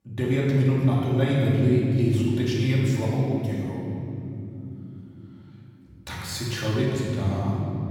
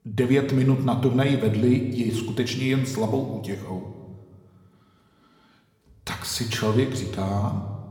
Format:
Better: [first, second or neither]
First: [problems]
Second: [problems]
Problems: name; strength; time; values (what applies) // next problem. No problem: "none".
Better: second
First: room echo; strong; dies away in 3 s // off-mic speech; far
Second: room echo; slight; dies away in 1.2 s // off-mic speech; somewhat distant